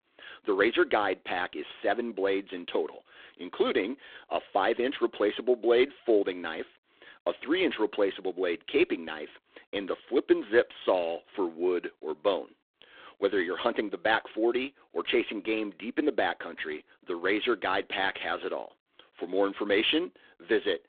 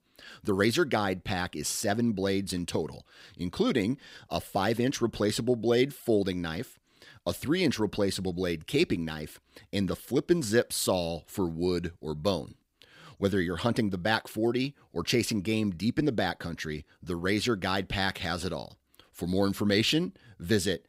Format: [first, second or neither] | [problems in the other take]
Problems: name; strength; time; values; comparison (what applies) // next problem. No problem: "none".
second | phone-call audio; poor line